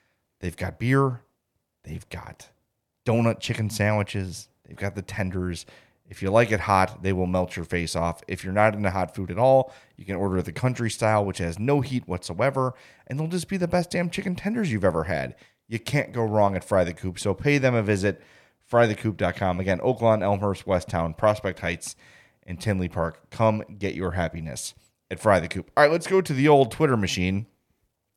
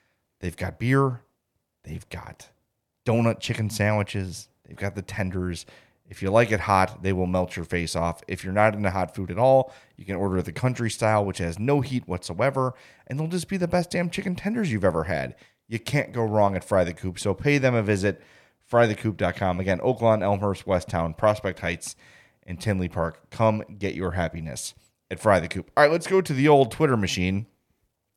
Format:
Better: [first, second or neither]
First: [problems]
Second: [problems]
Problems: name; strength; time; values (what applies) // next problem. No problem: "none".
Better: neither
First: none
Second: none